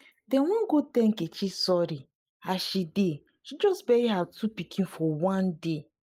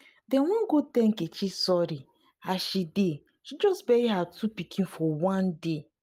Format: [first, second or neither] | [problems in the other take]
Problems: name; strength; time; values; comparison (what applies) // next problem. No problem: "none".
second | noise reduction (neural mask model Resemble Enhance denoiser)